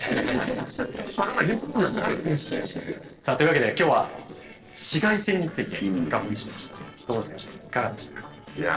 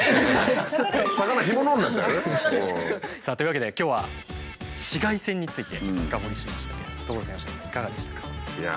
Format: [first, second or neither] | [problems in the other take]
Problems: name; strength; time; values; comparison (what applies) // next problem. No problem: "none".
second | noise reduction (neural separator model SepFormer DNS4)